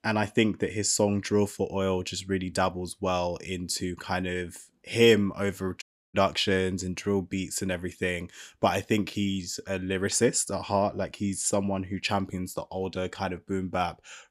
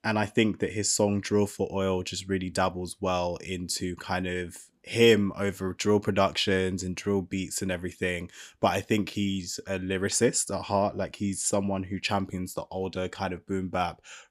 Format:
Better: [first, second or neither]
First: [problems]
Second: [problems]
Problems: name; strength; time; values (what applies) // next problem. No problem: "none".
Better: second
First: audio cutting out; at 6 s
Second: none